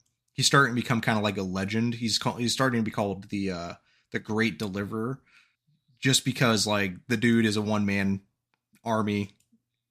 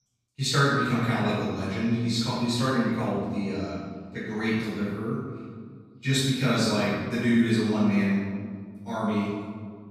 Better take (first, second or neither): first